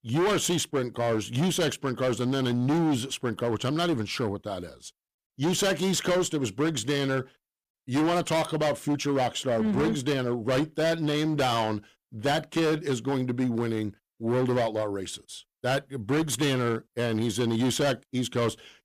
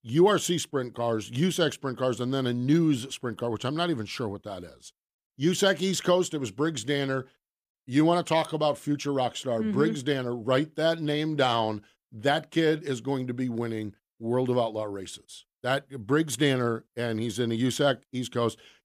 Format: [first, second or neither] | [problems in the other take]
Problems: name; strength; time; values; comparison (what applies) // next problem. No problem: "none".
second | distortion; heavy; 16% of the sound clipped